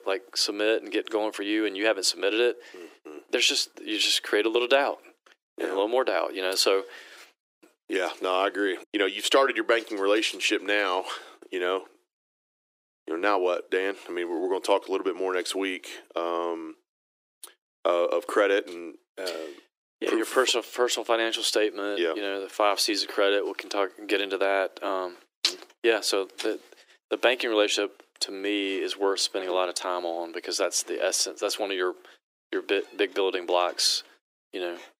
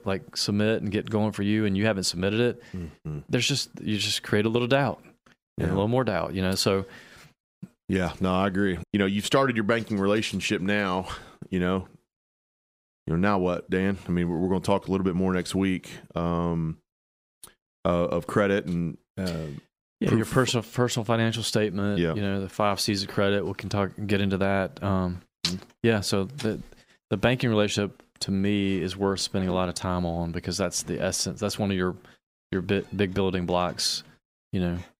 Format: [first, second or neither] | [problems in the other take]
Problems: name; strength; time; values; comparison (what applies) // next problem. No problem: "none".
second | thin; very; fading below 300 Hz